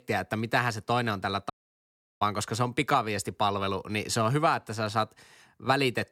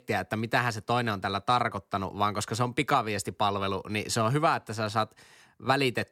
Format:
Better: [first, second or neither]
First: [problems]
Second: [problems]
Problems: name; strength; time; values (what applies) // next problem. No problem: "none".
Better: second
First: audio cutting out; at 1.5 s for 0.5 s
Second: none